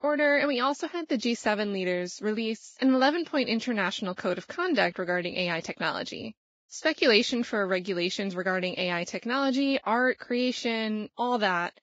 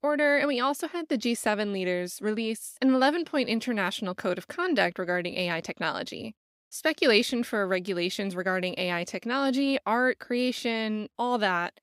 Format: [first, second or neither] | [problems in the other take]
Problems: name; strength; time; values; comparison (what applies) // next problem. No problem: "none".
second | garbled, watery; badly; nothing above 7.5 kHz